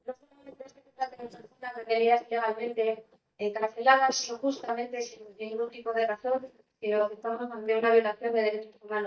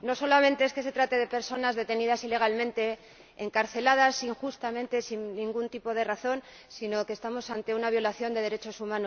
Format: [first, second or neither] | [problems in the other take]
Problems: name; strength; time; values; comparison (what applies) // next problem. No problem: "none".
second | noise reduction (neural mask model DeepFilterNet 3)